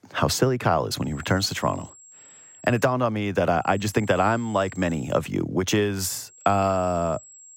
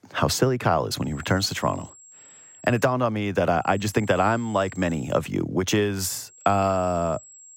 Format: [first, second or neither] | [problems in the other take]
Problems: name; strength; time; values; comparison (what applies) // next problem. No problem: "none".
neither | high-pitched whine; faint; from 1 to 3 s, from 3.5 to 5 s and from 6.5 s on; 7.5 kHz, 20 dB below the speech; the same in both